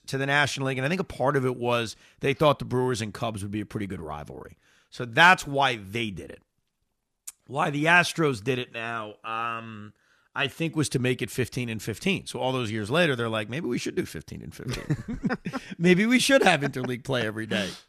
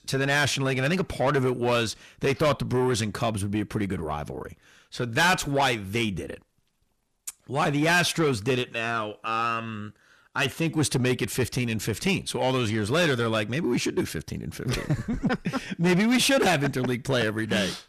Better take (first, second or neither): first